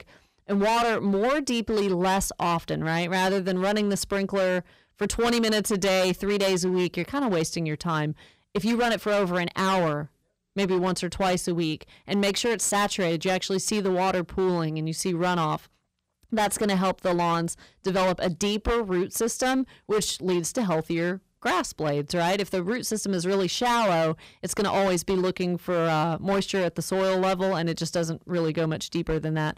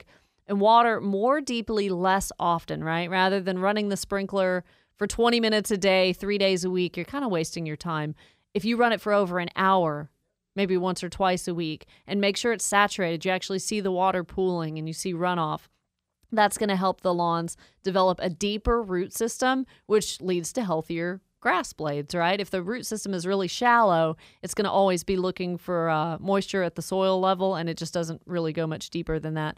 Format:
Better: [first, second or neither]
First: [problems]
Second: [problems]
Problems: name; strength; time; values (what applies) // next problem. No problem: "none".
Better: second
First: distortion; heavy; 16% of the sound clipped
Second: none